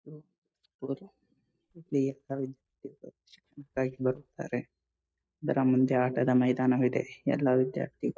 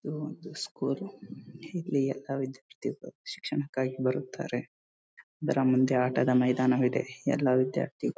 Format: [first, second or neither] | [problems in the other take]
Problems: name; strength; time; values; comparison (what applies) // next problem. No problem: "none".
second | noise reduction (neural mask model DeepFilterNet 3)